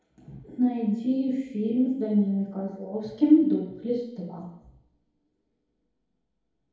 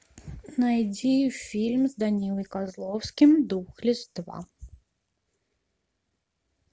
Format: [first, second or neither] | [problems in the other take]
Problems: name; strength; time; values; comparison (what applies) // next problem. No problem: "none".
second | room echo; dies away in 2 s